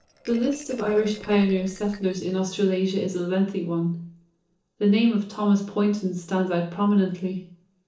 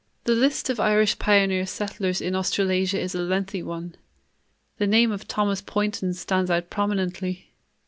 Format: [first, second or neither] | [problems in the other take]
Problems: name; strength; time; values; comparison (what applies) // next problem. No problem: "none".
second | noise reduction (neural separator model SepFormer DNS4)